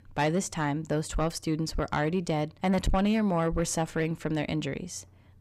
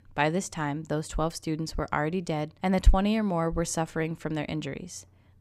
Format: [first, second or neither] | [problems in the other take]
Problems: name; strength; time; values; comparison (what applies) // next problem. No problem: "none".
second | distortion; heavy; 6 dB below the speech